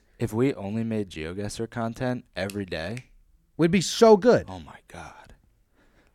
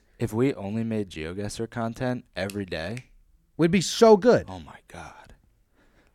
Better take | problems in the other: neither | none

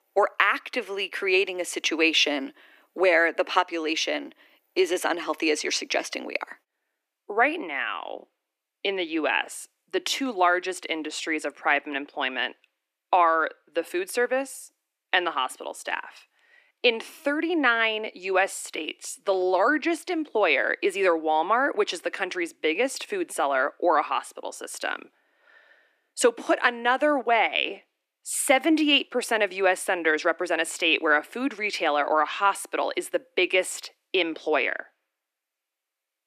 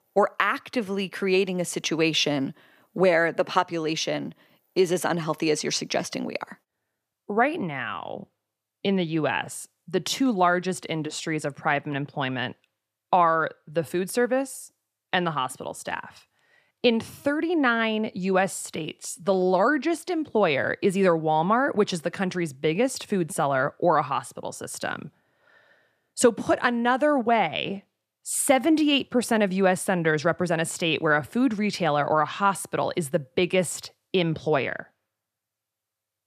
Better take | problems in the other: second | thin; somewhat; fading below 300 Hz

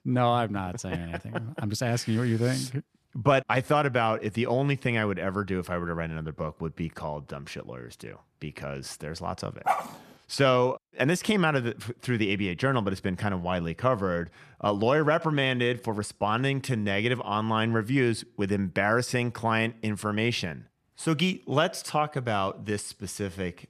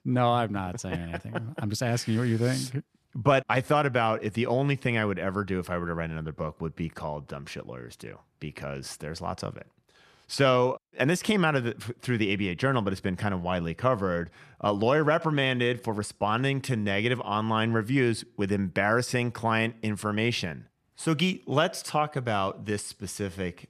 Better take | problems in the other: second | dog barking; noticeable; at 9.5 s; peak 1 dB below the speech

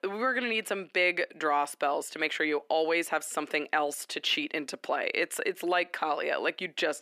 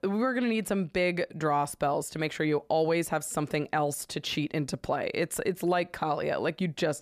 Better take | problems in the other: second | thin; somewhat; fading below 300 Hz

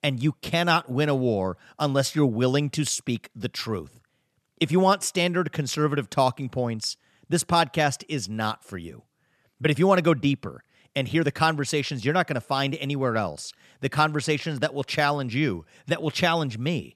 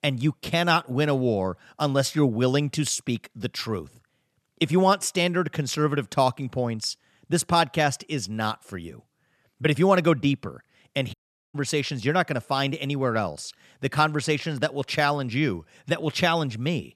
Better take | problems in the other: first | audio cutting out; at 11 s

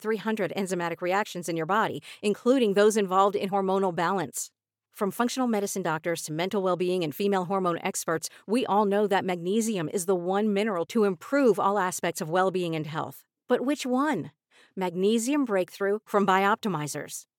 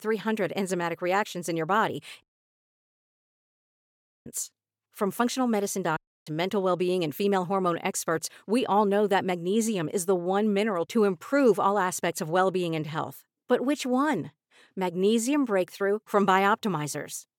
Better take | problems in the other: first | audio cutting out; at 2 s for 2 s and at 6 s

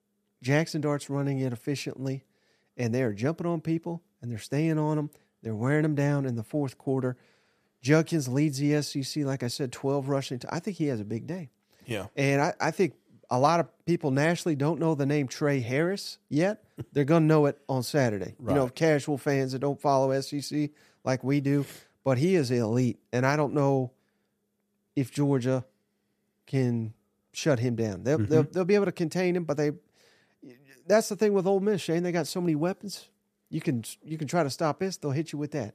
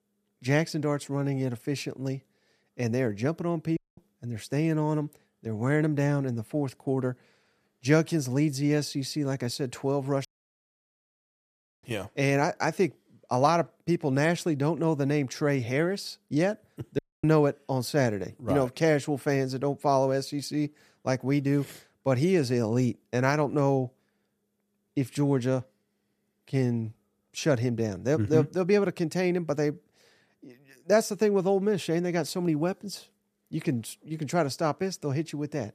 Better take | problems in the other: first | audio cutting out; at 4 s, at 10 s for 1.5 s and at 17 s

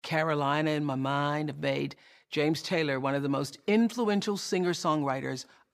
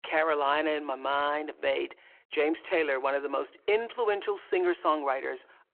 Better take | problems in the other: first | phone-call audio

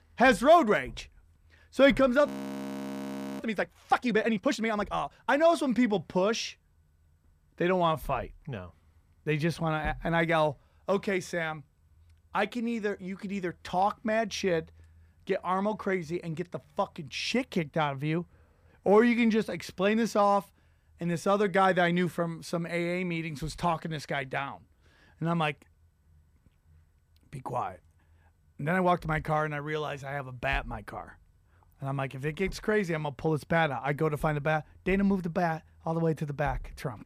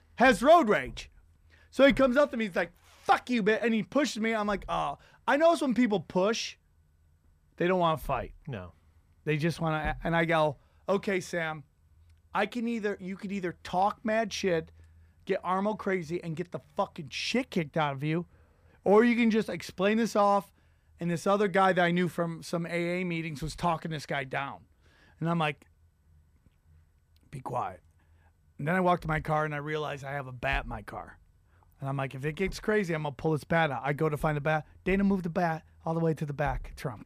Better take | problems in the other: second | audio freezing; at 2.5 s for 1 s

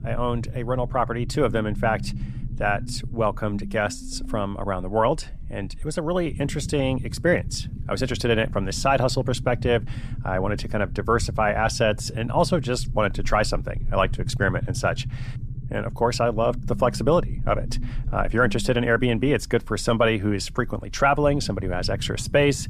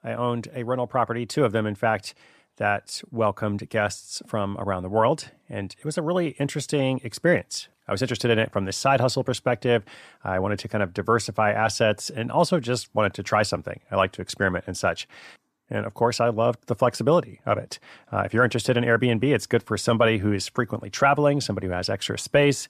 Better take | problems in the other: second | low rumble; faint; throughout; 20 dB below the speech

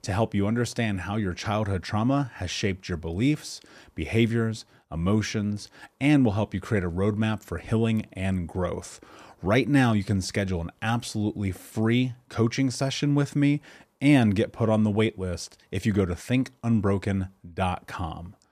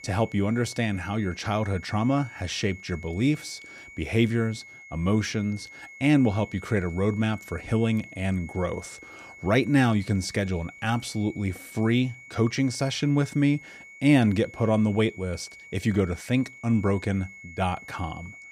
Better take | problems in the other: first | high-pitched whine; noticeable; throughout; 2 kHz, 20 dB below the speech

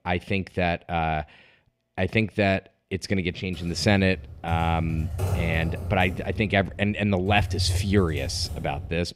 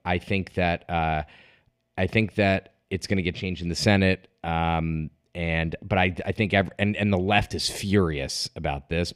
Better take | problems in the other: second | keyboard typing; noticeable; from 3.5 s on; peak 2 dB below the speech

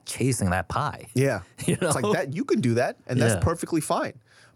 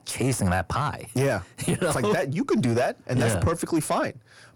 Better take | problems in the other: first | distortion; slight; 10 dB below the speech

